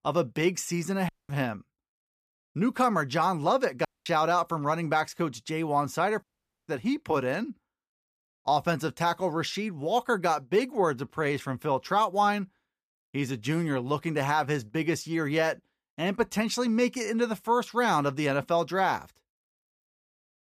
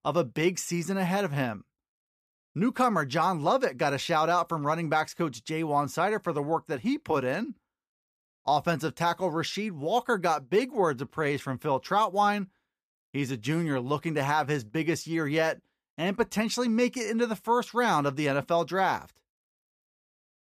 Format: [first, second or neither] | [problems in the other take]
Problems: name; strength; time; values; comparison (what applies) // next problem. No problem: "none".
second | audio cutting out; at 1 s, at 4 s and at 6 s